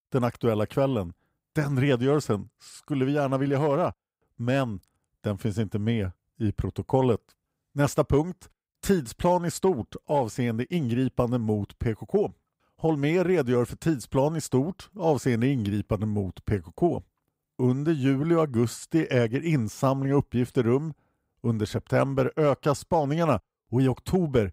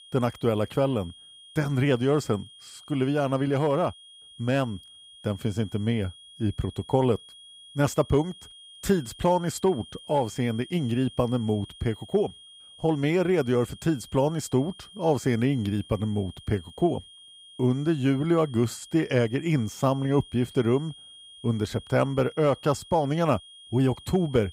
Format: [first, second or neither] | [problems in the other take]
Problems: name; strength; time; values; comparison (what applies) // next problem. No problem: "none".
first | high-pitched whine; noticeable; throughout; 3 kHz, 20 dB below the speech